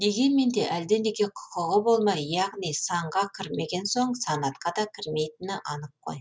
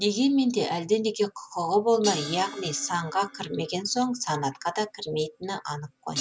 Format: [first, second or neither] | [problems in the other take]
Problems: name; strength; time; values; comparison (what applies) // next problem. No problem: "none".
first | background sound (Crash cymbal); 15 dB below the speech